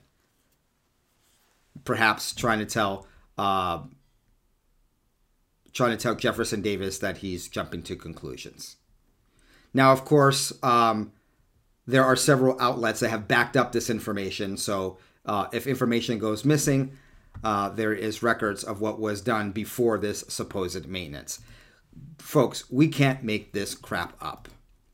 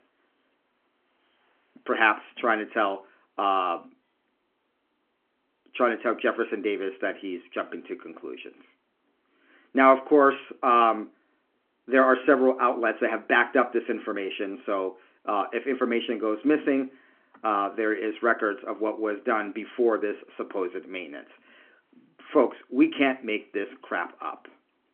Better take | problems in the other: first | phone-call audio

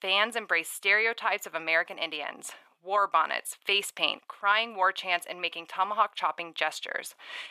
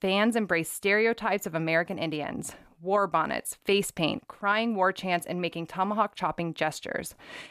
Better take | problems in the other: second | thin; very; fading below 550 Hz

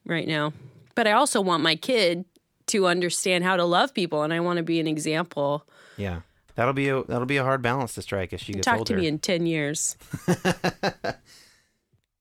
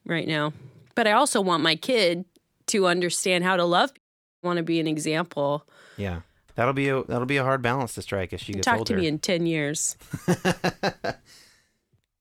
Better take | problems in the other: first | audio cutting out; at 4 s

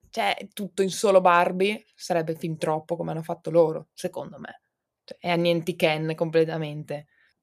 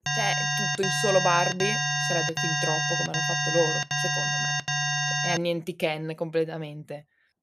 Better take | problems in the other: first | alarm; loud; until 5.5 s; peak 5 dB above the speech

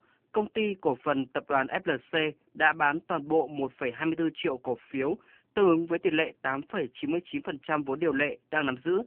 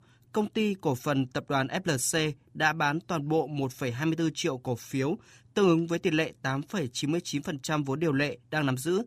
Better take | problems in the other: second | phone-call audio; poor line; nothing above 3 kHz

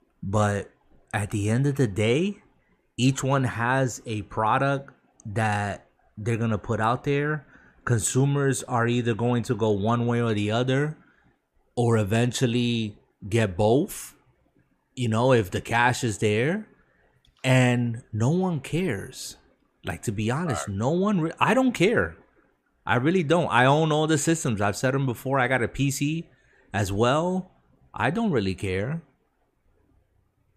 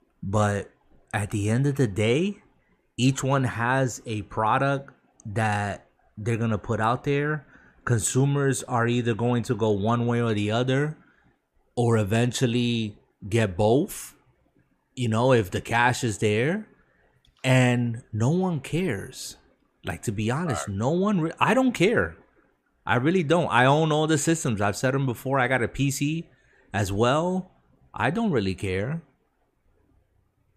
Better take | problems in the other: neither | none

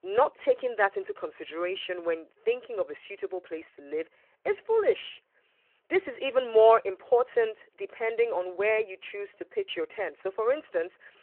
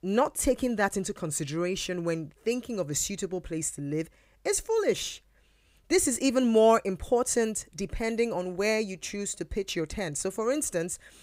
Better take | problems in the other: second | phone-call audio

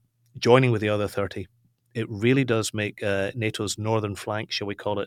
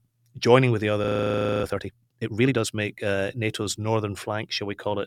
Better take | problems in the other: first | audio freezing; at 1 s for 0.5 s

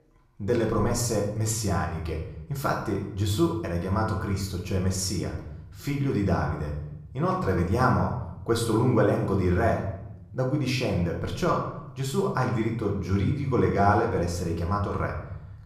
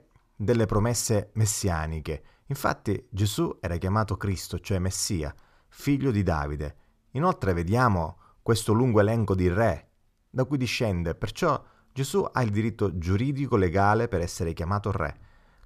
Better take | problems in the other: second | room echo; slight; dies away in 0.7 s // off-mic speech; somewhat distant

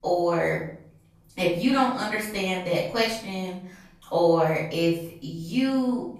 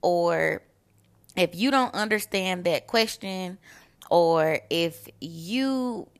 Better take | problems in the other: second | off-mic speech; far // room echo; noticeable; dies away in 0.7 s

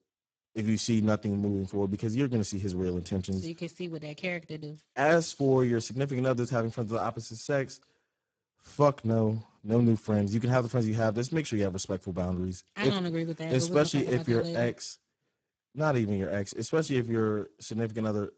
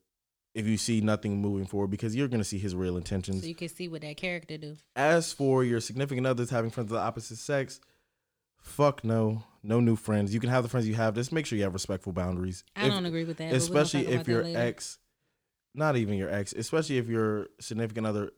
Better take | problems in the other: second | garbled, watery; badly; nothing above 7.5 kHz

